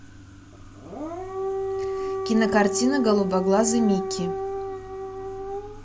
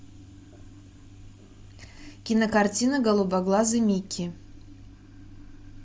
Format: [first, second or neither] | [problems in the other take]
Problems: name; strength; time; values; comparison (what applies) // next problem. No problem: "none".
second | background sound (Siren / Dog); 4 dB below the speech